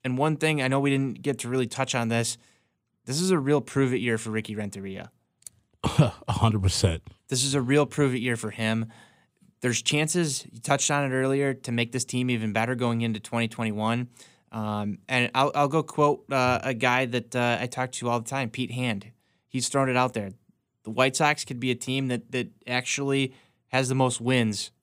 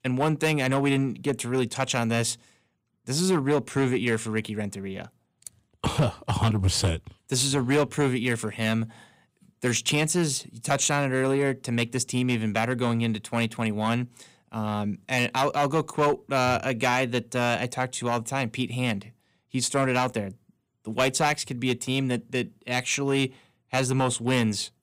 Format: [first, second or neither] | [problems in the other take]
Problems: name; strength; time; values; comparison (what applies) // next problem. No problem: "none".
first | distortion; slight; 4% of the sound clipped